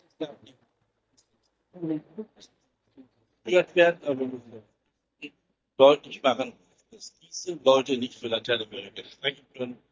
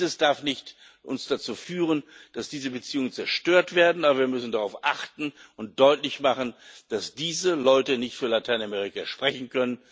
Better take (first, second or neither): second